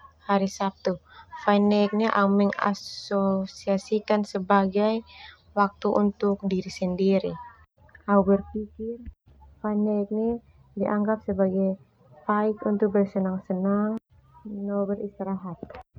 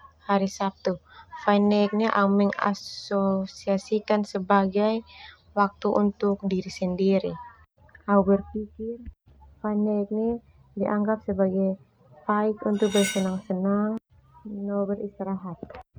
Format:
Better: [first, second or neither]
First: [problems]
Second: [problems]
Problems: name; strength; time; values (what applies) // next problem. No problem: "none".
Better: first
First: none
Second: background sound (Cutlery, silverware); 9 dB below the speech